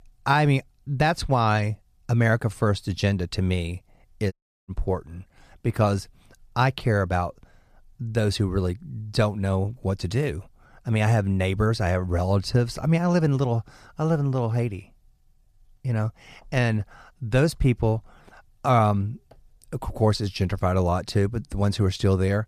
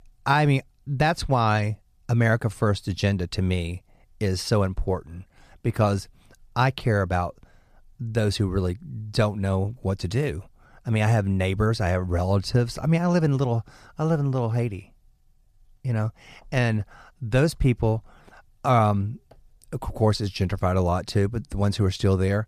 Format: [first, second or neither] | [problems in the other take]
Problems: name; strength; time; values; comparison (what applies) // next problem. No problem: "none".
second | audio cutting out; at 4.5 s